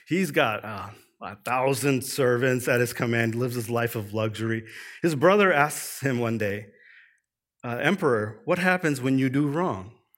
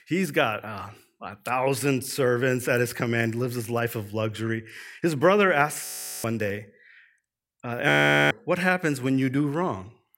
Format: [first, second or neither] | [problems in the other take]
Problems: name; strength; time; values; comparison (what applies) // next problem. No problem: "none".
first | audio freezing; at 6 s and at 8 s